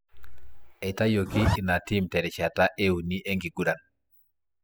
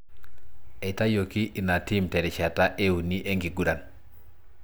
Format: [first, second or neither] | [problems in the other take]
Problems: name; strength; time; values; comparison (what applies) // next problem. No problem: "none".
second | noise reduction (classical method spectral subtraction)